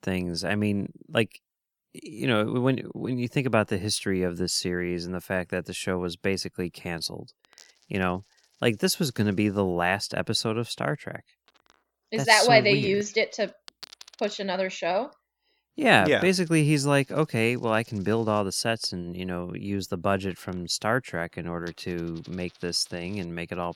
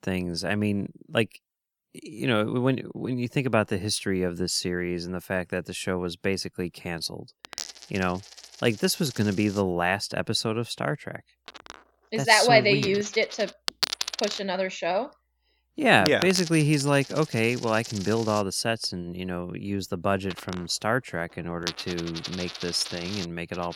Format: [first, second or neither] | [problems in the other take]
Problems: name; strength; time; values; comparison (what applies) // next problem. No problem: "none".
first | household noises; loud; from 7.5 s on; 9 dB below the speech; faint in the first